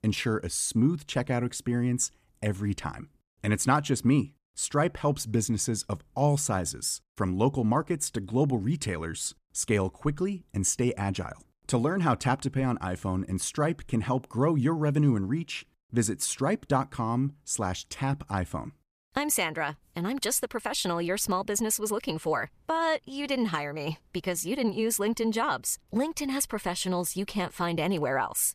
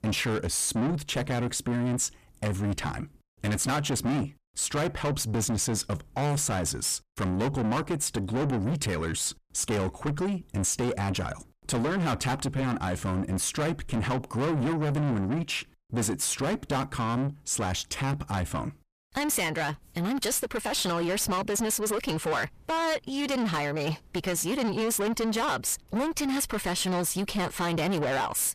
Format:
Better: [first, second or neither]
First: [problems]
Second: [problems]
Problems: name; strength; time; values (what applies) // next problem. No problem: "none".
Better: first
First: none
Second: distortion; heavy; 6 dB below the speech